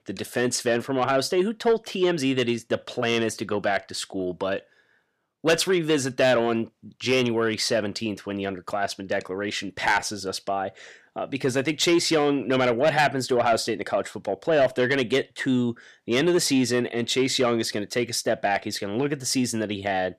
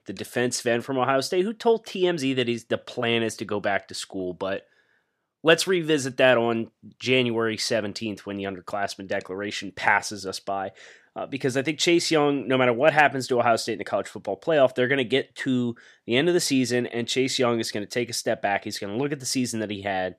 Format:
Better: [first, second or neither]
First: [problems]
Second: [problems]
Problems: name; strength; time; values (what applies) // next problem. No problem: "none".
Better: second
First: distortion; slight; 10 dB below the speech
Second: none